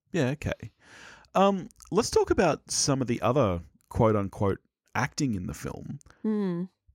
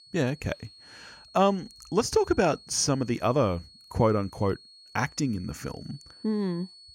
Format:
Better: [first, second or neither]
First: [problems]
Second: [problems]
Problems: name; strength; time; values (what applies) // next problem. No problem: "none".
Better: first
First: none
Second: high-pitched whine; faint; throughout; 4.5 kHz, 20 dB below the speech